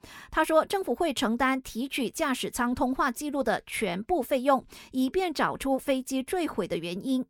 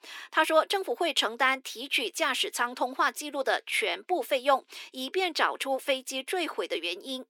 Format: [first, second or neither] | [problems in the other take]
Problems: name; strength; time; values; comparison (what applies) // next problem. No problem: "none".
first | thin; somewhat; fading below 300 Hz